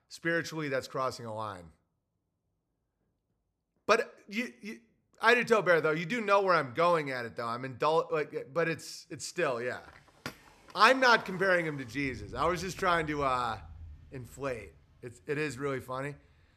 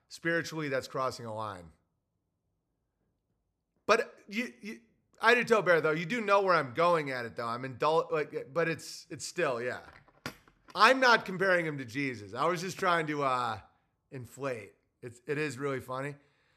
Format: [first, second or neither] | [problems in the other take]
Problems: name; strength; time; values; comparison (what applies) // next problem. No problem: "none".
second | rain or running water; faint; from 10 s on; 25 dB below the speech